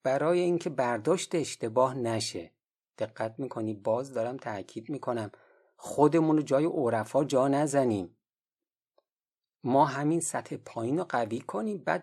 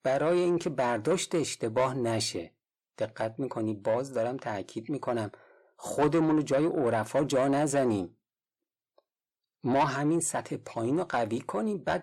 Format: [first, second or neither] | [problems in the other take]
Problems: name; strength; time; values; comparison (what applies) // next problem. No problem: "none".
first | distortion; slight; 10 dB below the speech